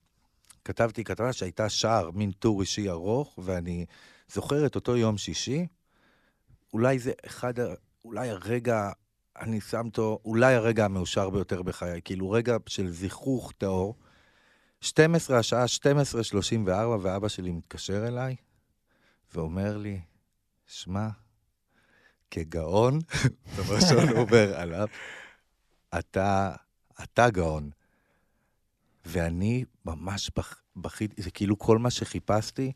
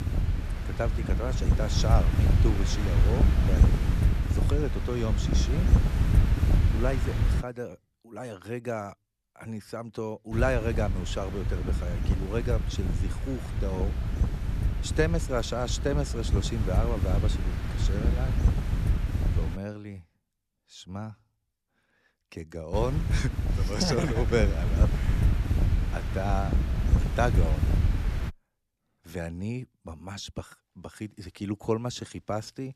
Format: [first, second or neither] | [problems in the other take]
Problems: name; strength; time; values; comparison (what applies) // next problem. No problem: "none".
first | wind noise on the microphone; heavy; until 7.5 s, from 10 to 20 s and from 23 to 28 s; 5 dB below the speech